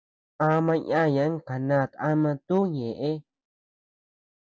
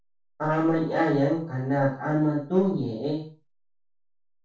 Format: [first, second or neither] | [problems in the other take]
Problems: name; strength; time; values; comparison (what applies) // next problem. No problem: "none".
first | room echo; dies away in 0.4 s